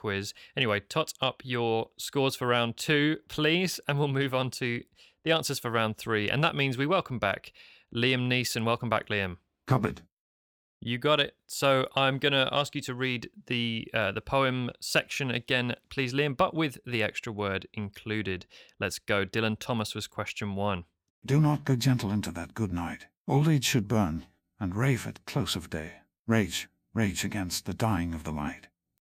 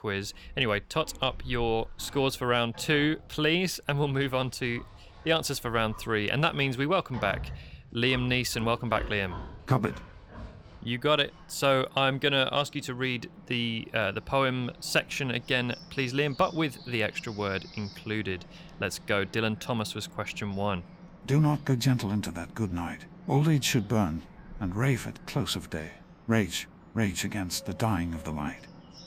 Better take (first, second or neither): first